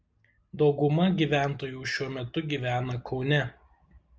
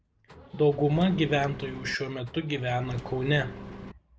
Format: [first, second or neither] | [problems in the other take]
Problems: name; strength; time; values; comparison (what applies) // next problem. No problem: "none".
first | background sound (Engine); 14 dB below the speech